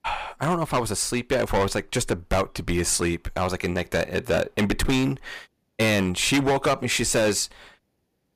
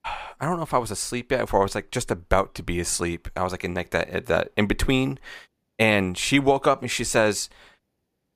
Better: second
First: distortion; heavy; 9% of the sound clipped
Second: none

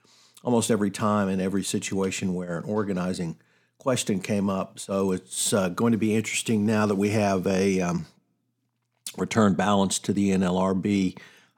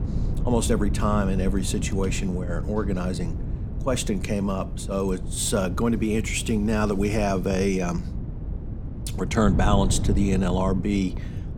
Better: first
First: none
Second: wind noise on the microphone; occasional gusts; 15 dB below the speech

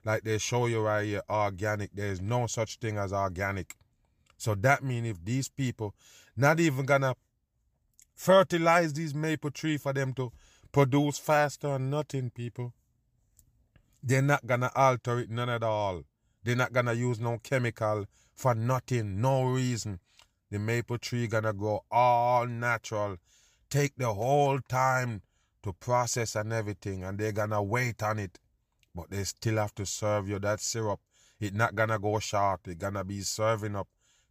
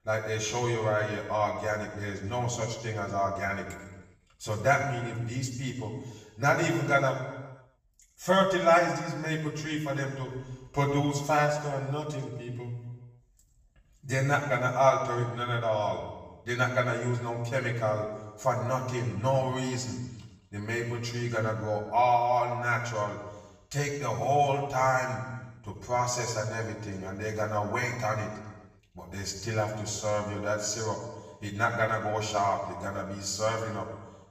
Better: first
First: none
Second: room echo; noticeable; dies away in 1.1 s // off-mic speech; far

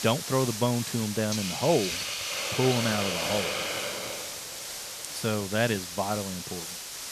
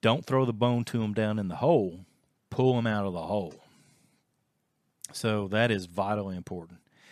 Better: second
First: hiss; loud; throughout; 3 dB below the speech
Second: none

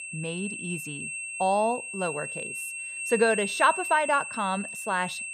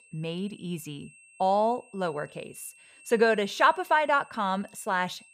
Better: second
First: high-pitched whine; loud; throughout; 2.5 kHz, 6 dB below the speech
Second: high-pitched whine; faint; throughout; 2.5 kHz, 25 dB below the speech

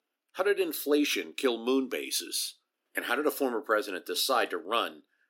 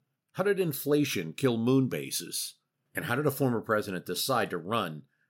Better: second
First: thin; very slightly; fading below 300 Hz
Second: none

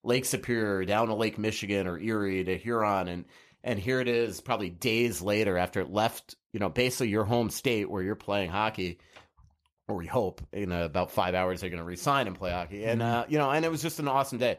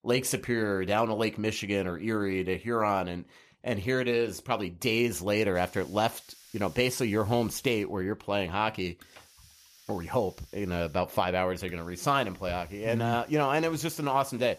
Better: first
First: none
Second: hiss; faint; from 5.5 s on; 25 dB below the speech

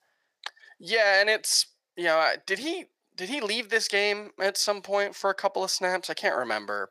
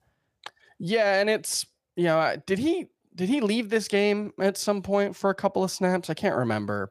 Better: second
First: thin; very; fading below 550 Hz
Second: none

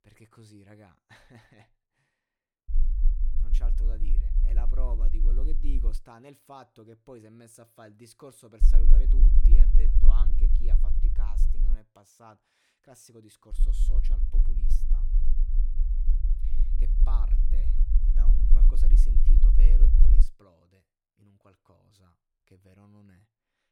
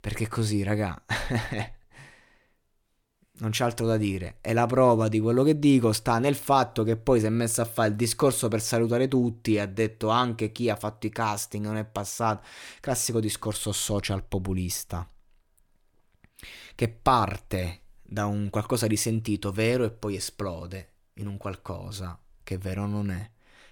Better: second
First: low rumble; loud; from 2.5 to 6 s, from 8.5 to 12 s and from 14 to 20 s; 1 dB below the speech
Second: none

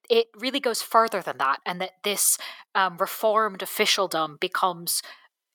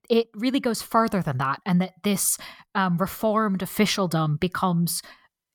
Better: second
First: thin; very; fading below 400 Hz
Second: none

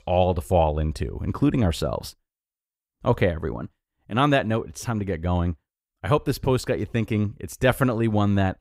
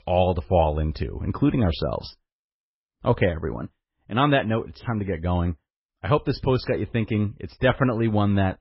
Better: first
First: none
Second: garbled, watery; badly; nothing above 5.5 kHz

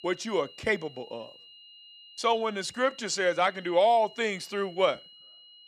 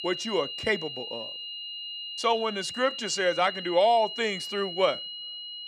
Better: first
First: high-pitched whine; faint; throughout; 3 kHz, 20 dB below the speech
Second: high-pitched whine; loud; throughout; 3 kHz, 8 dB below the speech

